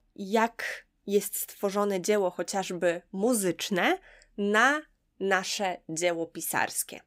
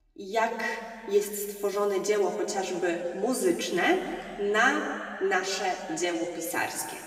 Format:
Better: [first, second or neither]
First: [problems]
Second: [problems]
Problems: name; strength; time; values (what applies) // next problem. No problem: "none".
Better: first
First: none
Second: room echo; noticeable; dies away in 2.3 s // off-mic speech; somewhat distant